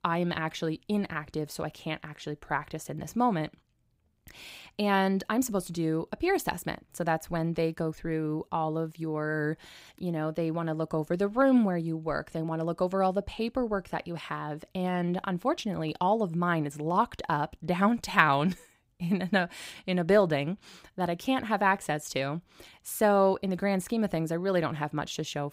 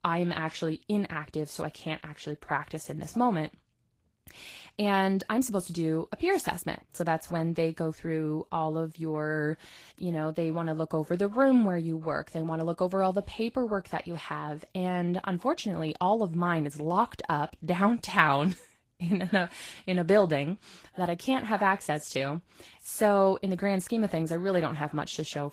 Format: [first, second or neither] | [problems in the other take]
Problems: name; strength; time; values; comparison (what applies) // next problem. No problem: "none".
first | garbled, watery; slightly; nothing above 15.5 kHz